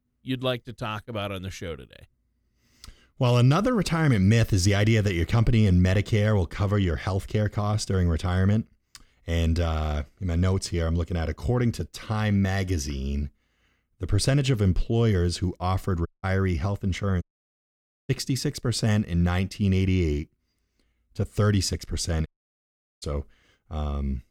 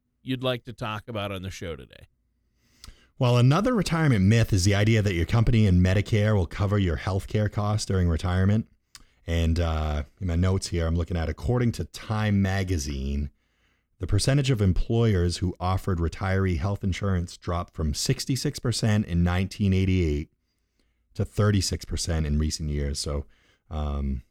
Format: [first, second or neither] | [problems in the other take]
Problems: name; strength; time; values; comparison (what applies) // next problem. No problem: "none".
second | audio cutting out; at 16 s, at 17 s for 1 s and at 22 s for 1 s